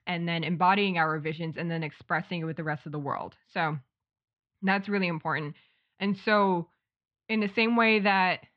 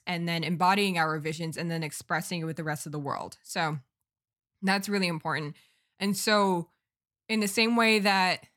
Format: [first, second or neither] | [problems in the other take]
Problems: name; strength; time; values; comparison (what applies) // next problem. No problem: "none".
second | muffled; slightly; fading above 3.5 kHz